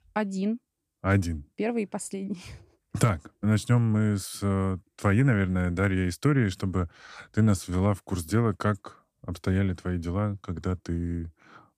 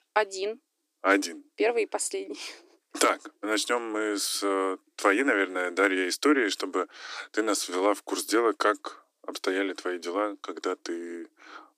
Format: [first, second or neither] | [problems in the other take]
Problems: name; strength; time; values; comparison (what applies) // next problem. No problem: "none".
first | thin; very; fading below 300 Hz